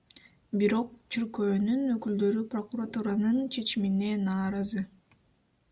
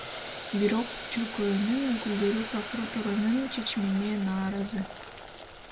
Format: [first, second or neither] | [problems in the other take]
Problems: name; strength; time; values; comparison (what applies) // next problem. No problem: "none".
first | background sound (Boiling); 10 dB below the speech